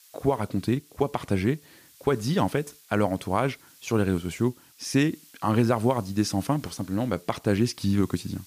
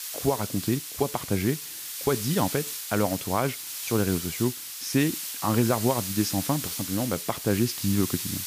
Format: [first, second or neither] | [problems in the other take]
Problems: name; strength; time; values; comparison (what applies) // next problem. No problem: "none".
first | hiss; loud; throughout; 5 dB below the speech; faint in the first